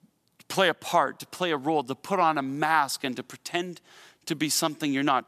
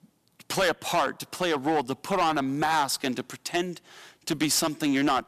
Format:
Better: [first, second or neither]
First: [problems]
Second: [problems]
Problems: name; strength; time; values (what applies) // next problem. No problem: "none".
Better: first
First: none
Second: distortion; heavy; 7% of the sound clipped